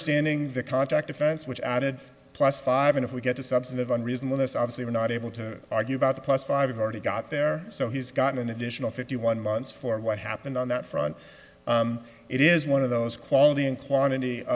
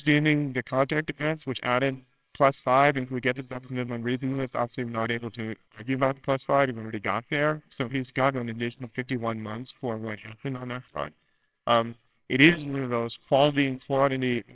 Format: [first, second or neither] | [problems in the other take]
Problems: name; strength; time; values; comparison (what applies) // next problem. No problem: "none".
first | noise reduction (neural separator model SepFormer WHAMR!)